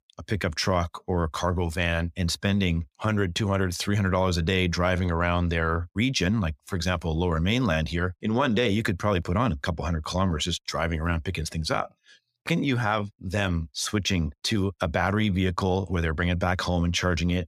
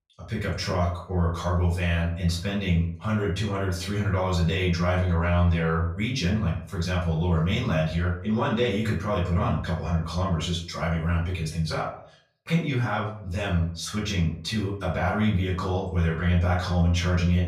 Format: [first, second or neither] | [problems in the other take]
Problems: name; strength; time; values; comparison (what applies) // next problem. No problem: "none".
first | room echo; noticeable; dies away in 0.4 s // off-mic speech; far